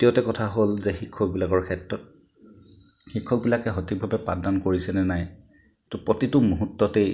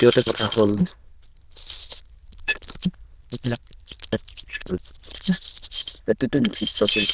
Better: first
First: none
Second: noise reduction (neural diffusion model UNIVERSE++)

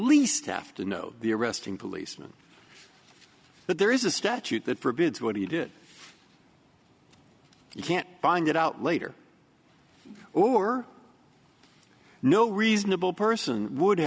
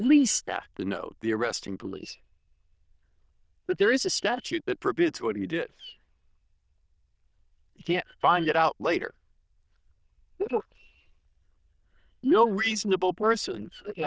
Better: first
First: none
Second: noise reduction (neural diffusion model UNIVERSE++)

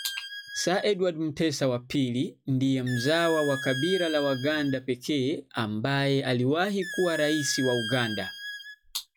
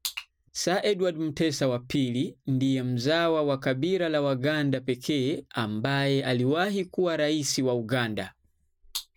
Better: second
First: noise reduction (classical method log-MMSE)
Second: none

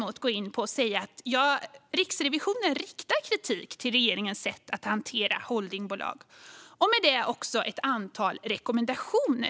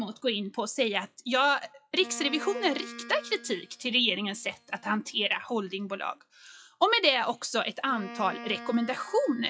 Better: first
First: none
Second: noise reduction (classical method WPE with log-MMSE)

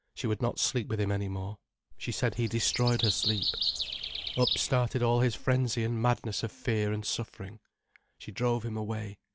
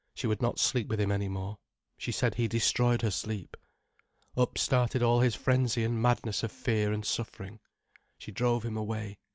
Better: second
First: background sound (Bird vocalization, bird call, bird song); 5 dB below the speech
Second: none

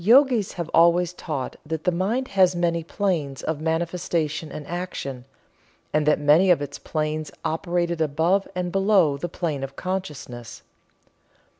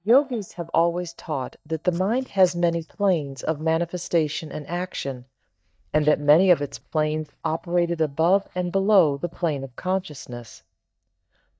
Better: first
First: none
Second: noise reduction (neural mask model DeepFilterNet 3)

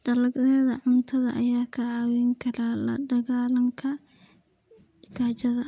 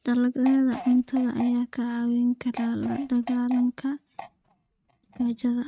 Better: first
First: none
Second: noise reduction (neural mask model RNNoise)

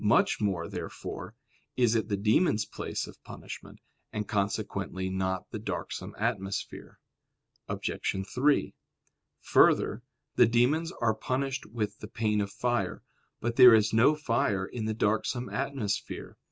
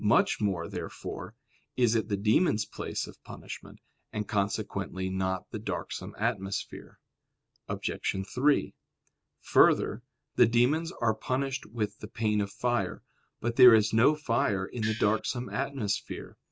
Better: first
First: none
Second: background sound (Gong); 9 dB below the speech

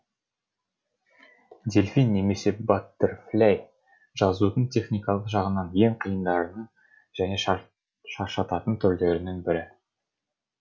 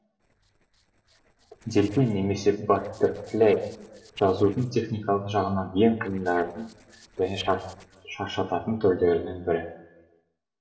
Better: first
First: none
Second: noise reduction (neural separator model SepFormer DNS4)

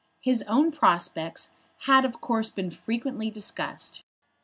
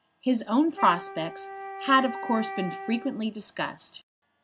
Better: first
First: none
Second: background sound (Wind instrument, woodwind instrument); 11 dB below the speech

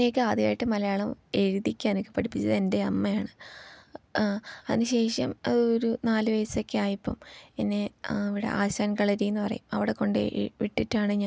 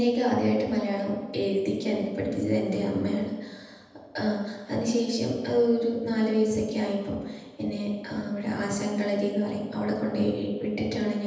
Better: first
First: none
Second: room echo; dies away in 1.1 s

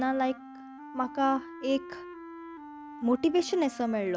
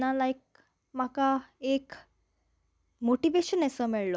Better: second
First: background sound (Wind instrument, woodwind instrument); 15 dB below the speech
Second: none

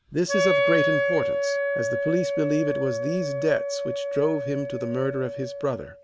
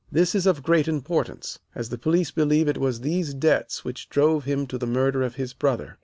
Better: second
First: background sound (Wind instrument, woodwind instrument); 1 dB above the speech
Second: none

